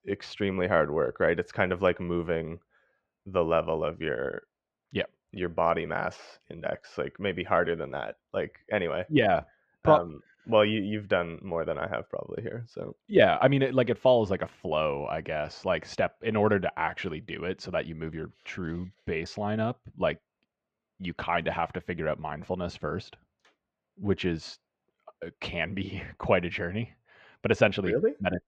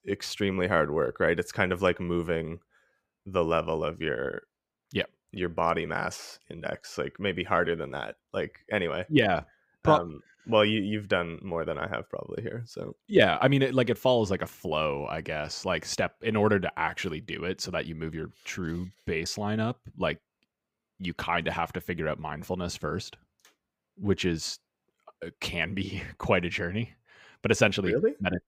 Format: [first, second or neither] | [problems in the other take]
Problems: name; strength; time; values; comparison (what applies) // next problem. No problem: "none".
second | muffled; slightly; fading above 3.5 kHz